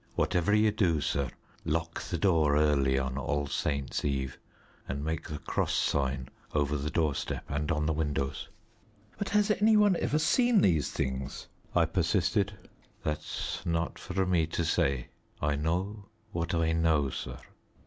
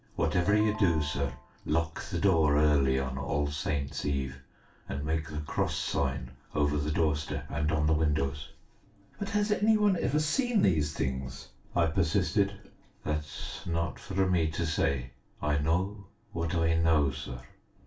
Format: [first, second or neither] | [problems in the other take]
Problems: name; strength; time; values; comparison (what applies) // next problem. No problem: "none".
first | background sound (Ringtone); 16 dB below the speech // room echo; dies away in 0.2 s